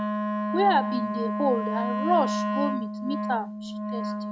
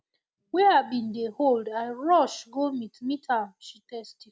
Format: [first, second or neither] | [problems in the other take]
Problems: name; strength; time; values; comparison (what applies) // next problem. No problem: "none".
second | background sound (Wind instrument, woodwind instrument); as loud as the speech